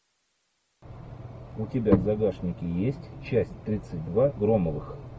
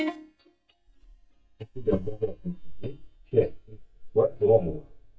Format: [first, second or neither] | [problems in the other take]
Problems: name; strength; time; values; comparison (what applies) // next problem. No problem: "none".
first | noise reduction (neural mask model DeepFilterNet 3)